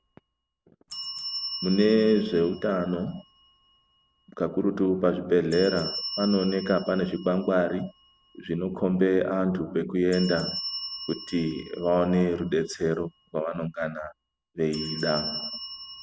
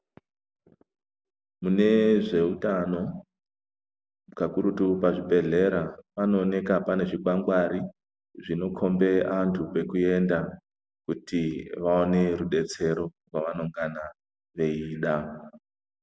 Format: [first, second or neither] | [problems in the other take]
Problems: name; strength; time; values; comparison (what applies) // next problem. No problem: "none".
second | background sound (Bell); 13 dB below the speech